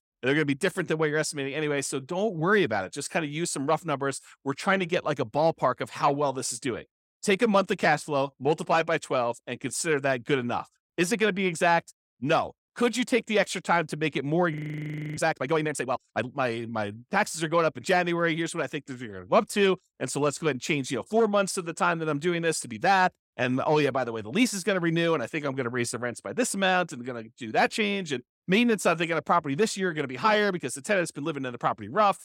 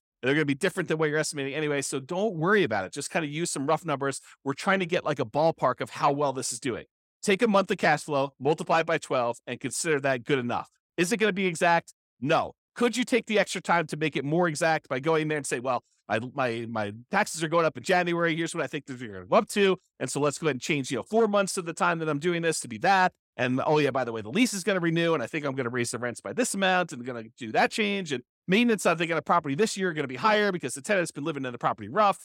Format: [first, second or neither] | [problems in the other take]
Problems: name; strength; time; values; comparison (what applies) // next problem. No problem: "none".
second | audio freezing; at 15 s for 0.5 s